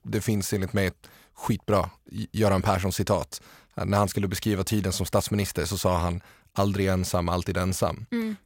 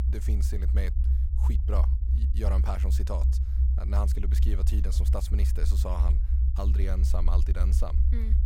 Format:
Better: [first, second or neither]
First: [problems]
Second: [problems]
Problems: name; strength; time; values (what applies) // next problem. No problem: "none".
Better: first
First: none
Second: low rumble; loud; throughout; 5 dB below the speech